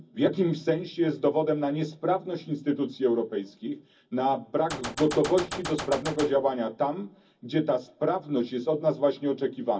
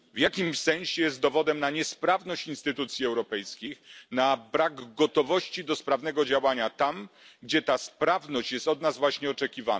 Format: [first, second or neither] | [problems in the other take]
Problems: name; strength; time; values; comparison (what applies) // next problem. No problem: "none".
second | background sound (Gunshot, gunfire); 8 dB below the speech // room echo; dies away in 0.4 s